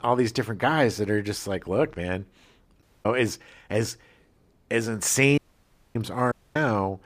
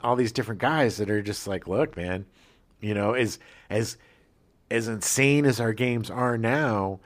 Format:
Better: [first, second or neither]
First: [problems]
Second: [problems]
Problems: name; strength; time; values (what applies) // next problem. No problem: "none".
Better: second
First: audio cutting out; at 3 s, at 5.5 s for 0.5 s and at 6.5 s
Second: none